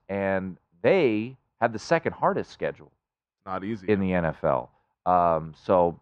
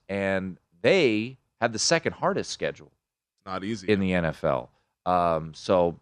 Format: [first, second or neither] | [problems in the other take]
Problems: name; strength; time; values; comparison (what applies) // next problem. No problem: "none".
second | muffled; very; fading above 3.5 kHz